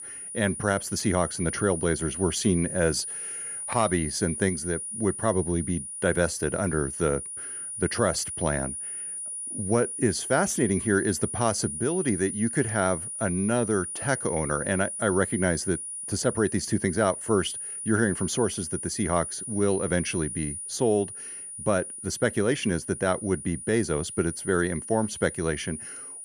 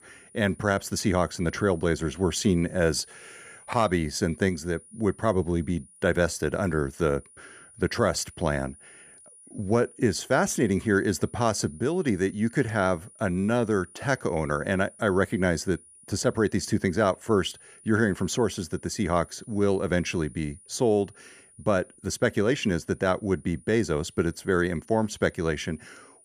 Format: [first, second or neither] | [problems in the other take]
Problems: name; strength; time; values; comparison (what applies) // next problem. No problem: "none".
second | high-pitched whine; loud; throughout; 9.5 kHz, 6 dB below the speech; faint in the second